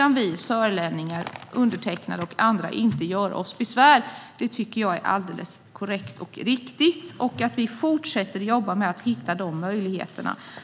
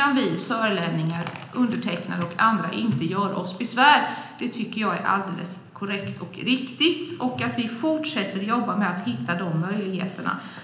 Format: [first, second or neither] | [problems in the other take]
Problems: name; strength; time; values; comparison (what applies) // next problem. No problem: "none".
first | room echo; dies away in 0.8 s